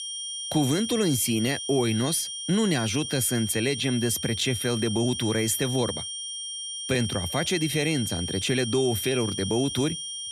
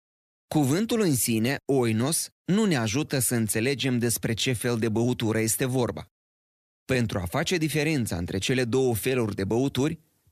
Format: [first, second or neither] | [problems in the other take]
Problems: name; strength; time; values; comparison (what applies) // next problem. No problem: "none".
second | high-pitched whine; loud; throughout; 3 kHz, 5 dB below the speech